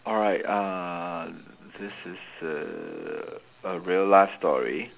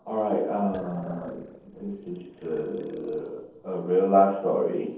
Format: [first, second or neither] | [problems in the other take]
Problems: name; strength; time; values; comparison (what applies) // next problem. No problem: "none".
first | noise reduction (neural separator model SepFormer DNS4)